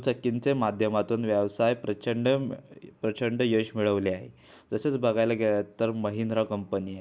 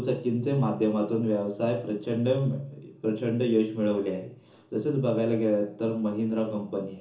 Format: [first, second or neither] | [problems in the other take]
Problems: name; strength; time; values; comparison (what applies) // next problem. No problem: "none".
first | room echo; dies away in 0.7 s